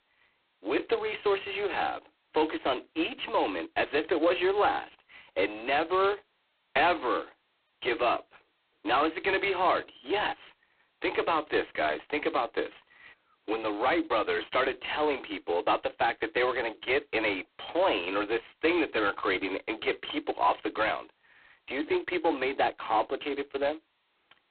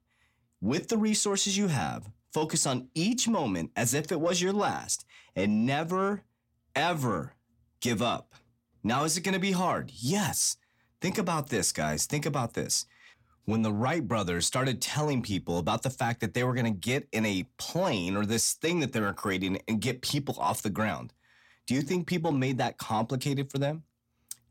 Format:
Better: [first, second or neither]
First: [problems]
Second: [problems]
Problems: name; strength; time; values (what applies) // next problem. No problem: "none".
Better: second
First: phone-call audio; poor line; nothing above 4 kHz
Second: none